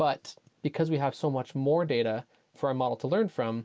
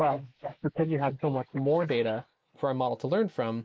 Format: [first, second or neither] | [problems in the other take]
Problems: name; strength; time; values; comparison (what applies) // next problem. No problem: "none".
first | noise reduction (neural mask model Resemble Enhance denoiser)